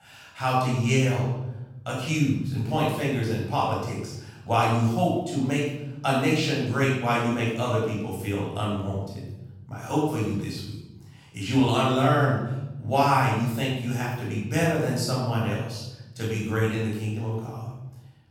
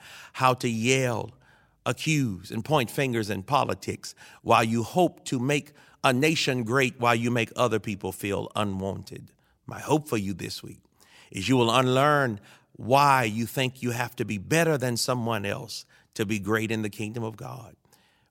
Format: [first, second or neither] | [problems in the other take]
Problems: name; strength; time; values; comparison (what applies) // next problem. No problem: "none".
second | off-mic speech; far // room echo; noticeable; dies away in 1.2 s